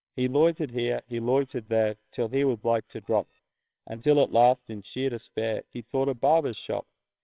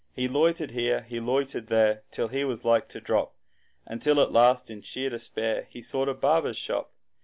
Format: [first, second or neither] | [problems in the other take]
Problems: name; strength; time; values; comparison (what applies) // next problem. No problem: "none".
second | noise reduction (neural separator model SepFormer WHAMR!)